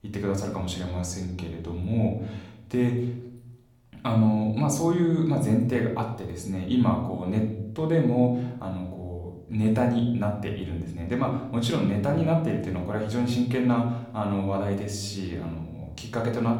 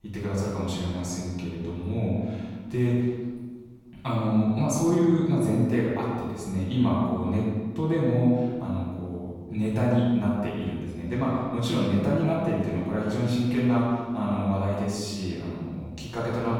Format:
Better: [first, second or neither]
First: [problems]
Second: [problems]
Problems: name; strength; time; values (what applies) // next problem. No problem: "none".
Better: first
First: room echo; slight; dies away in 0.8 s // off-mic speech; somewhat distant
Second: room echo; strong; dies away in 1.4 s // off-mic speech; far